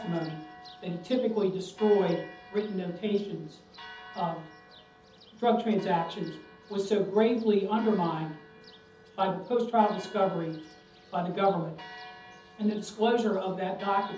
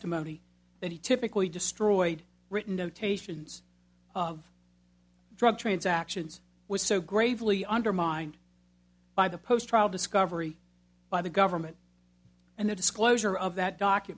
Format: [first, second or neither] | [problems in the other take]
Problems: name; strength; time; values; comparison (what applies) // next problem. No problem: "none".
second | background sound (Church bell); 19 dB below the speech // room echo; dies away in 0.7 s